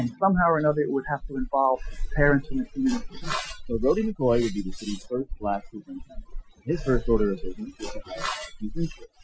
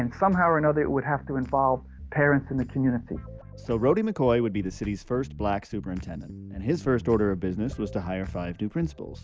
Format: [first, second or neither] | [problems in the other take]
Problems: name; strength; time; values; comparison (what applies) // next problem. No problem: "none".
second | noise reduction (classical method Wiener filter)